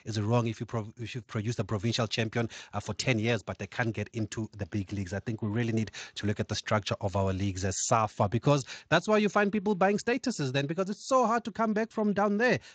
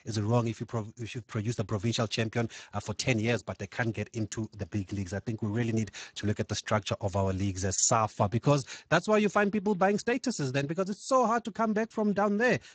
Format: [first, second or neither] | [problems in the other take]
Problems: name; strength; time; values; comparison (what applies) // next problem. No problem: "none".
first | garbled, watery; badly; nothing above 7.5 kHz; slightly in the first